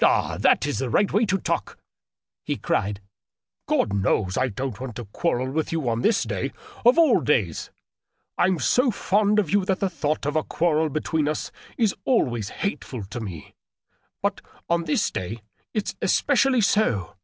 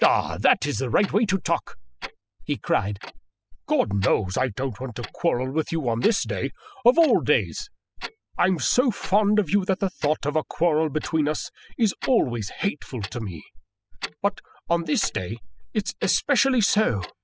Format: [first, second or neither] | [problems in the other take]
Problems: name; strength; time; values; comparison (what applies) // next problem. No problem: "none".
first | noise reduction (classical method spectral subtraction)